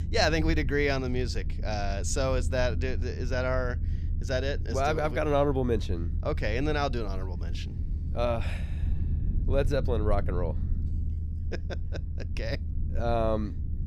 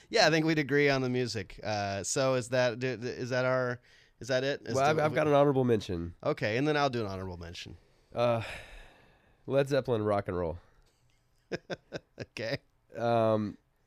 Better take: second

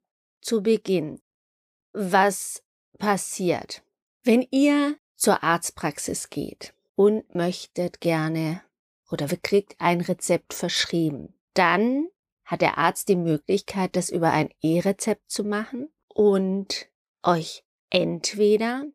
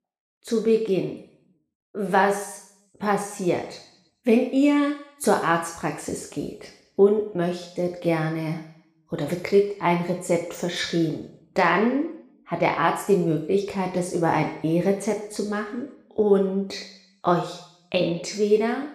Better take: first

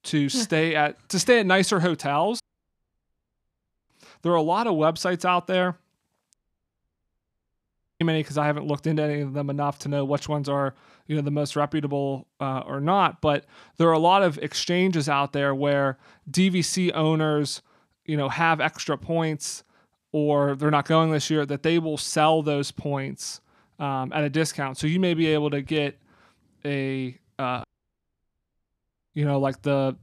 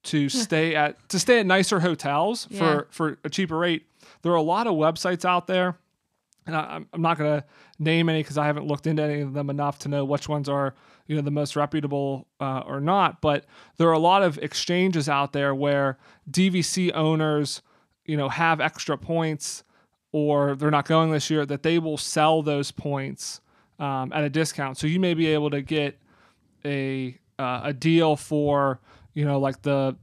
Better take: second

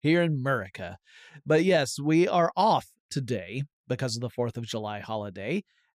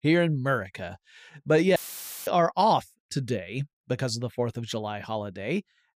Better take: first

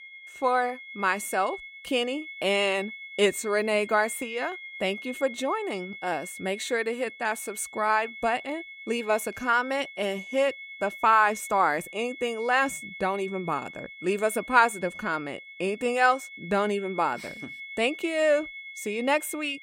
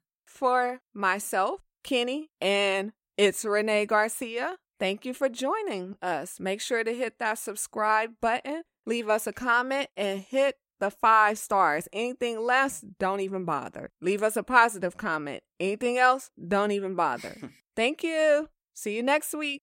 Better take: second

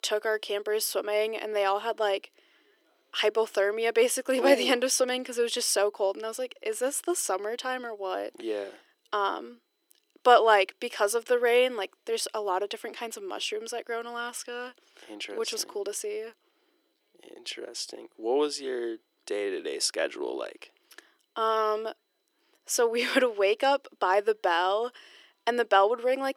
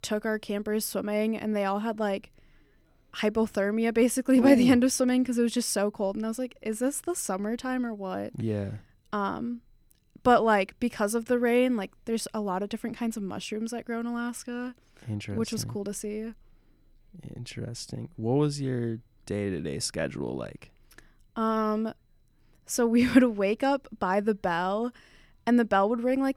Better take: second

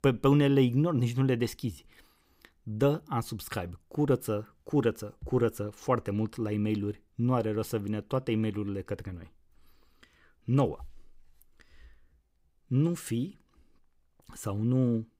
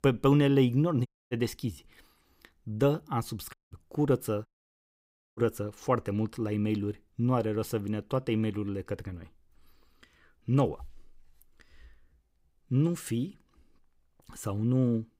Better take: first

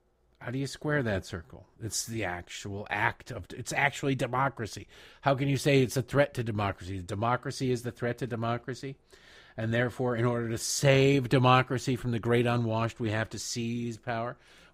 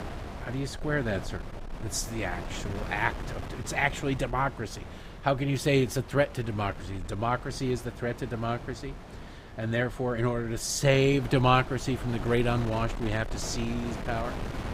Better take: first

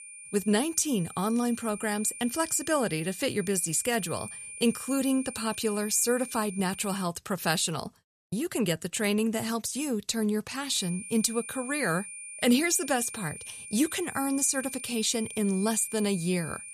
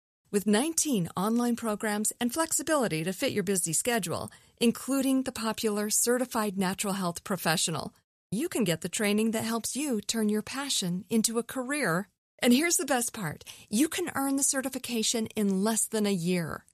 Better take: second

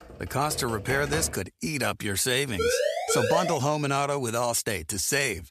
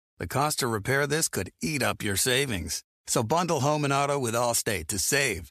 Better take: second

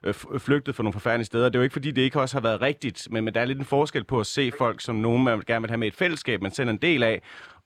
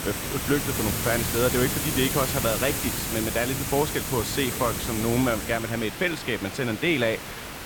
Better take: first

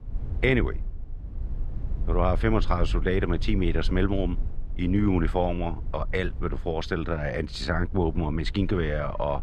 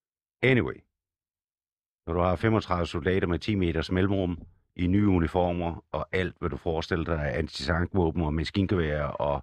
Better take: second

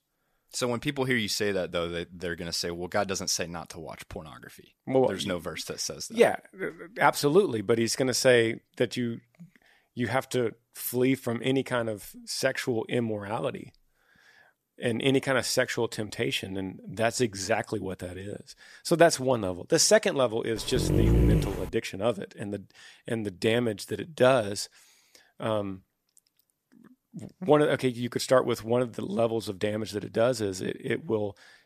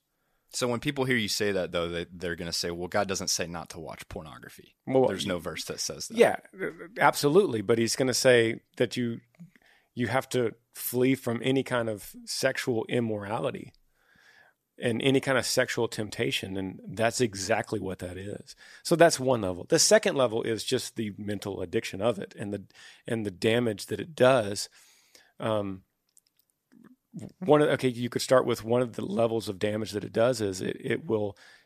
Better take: second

